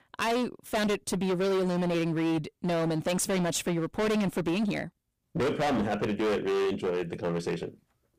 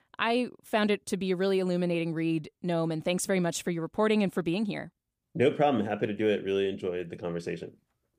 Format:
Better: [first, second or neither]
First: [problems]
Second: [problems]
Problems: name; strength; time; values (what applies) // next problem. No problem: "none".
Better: second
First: distortion; heavy; 24% of the sound clipped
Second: none